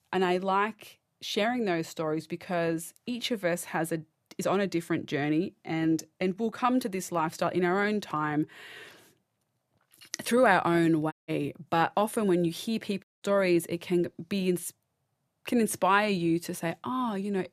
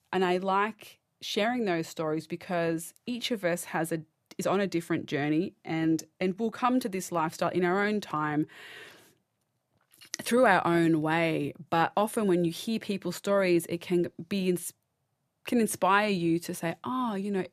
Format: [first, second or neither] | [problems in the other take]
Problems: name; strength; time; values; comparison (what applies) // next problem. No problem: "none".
second | audio cutting out; at 11 s and at 13 s